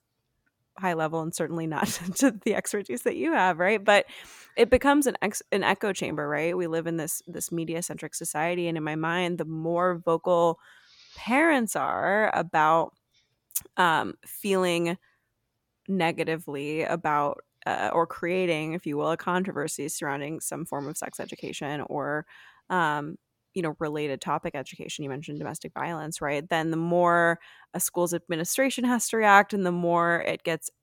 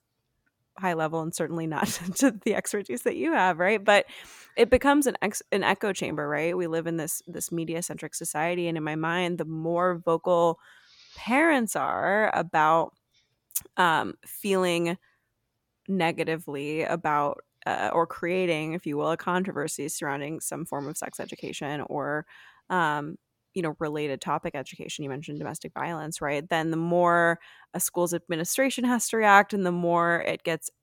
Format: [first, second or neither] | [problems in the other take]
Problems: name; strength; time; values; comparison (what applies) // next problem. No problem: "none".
neither | none